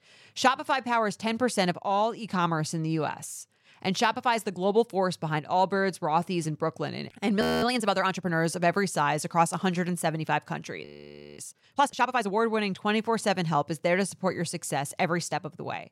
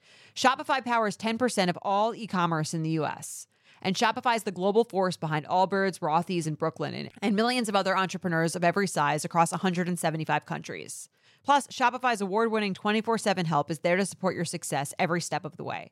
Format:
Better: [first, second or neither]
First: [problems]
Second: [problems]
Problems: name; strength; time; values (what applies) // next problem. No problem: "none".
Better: second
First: audio freezing; at 7.5 s and at 11 s for 0.5 s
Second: none